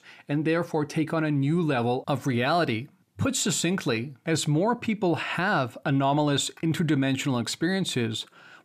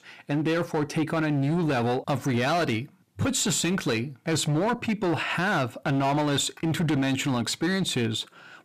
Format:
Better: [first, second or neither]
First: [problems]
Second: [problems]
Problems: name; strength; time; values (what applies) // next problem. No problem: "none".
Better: first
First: none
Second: distortion; slight; 17% of the sound clipped